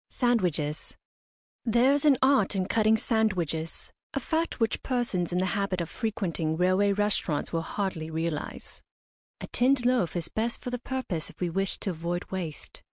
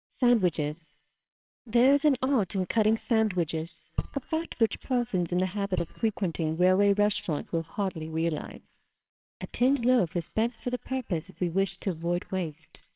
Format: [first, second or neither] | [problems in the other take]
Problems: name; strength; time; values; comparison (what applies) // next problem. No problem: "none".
first | noise reduction (neural separator model SepFormer WHAMR!)